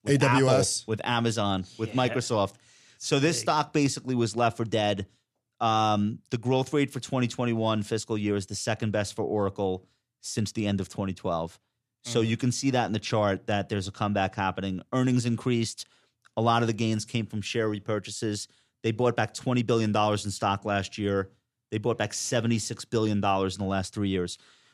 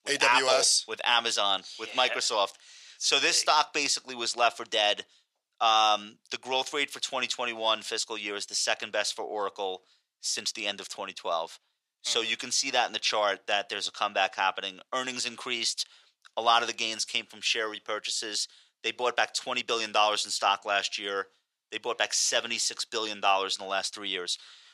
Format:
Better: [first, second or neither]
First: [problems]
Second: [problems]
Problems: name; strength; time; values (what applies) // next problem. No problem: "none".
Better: first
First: none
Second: thin; very; fading below 750 Hz